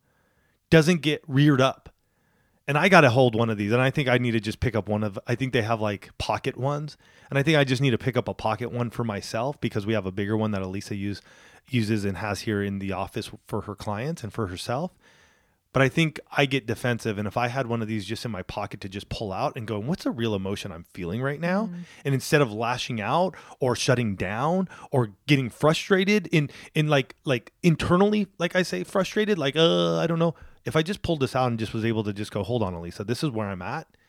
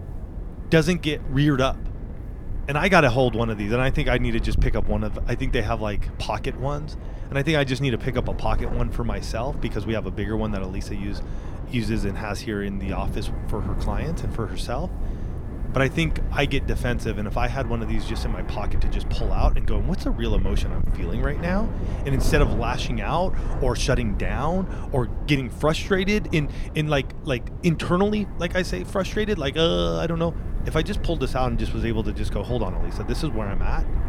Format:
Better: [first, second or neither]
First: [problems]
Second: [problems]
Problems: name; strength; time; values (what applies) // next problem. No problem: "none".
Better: first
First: none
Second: wind noise on the microphone; occasional gusts; 15 dB below the speech